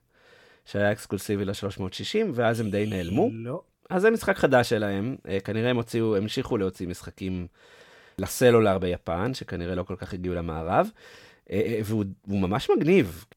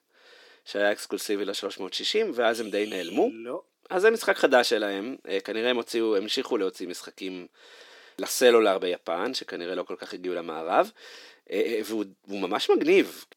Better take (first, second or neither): first